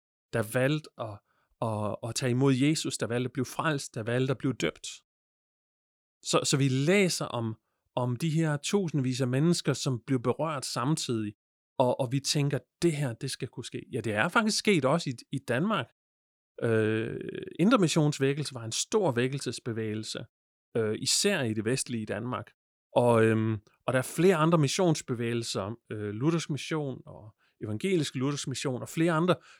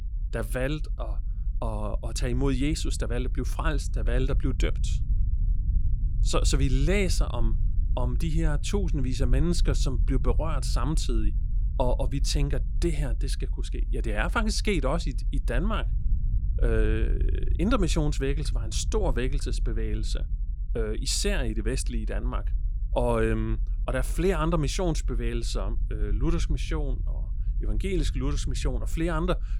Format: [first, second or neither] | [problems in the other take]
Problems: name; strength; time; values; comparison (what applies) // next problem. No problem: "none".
first | low rumble; noticeable; throughout; 20 dB below the speech